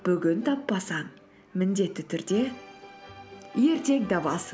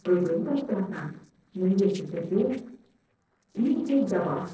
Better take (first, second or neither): first